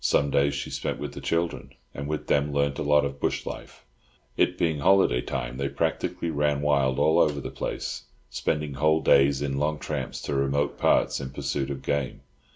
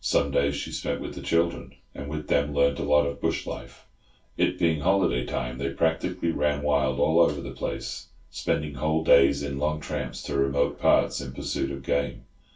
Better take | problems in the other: first | room echo; dies away in 0.2 s

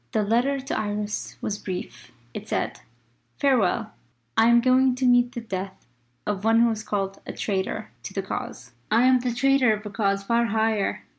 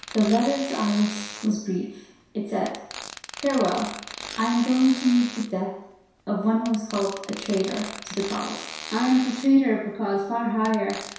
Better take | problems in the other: first | background sound (Fart); 14 dB below the speech // room echo; dies away in 0.7 s

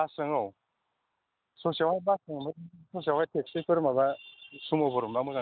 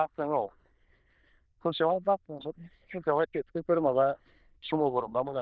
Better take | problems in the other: first | noise reduction (neural diffusion model UNIVERSE++)

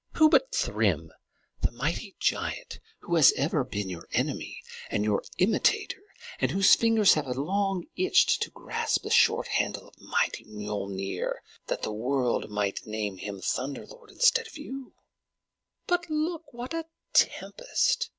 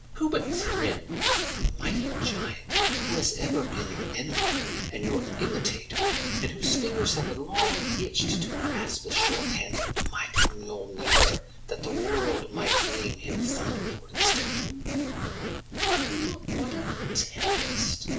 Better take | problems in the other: first | background sound (Zipper (clothing)); 4 dB above the speech // room echo; dies away in 0.4 s

